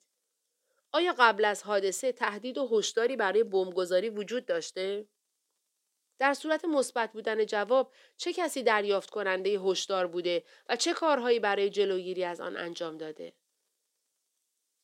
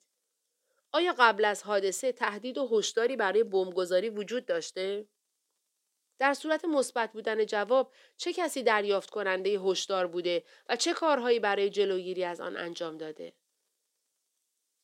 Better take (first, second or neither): neither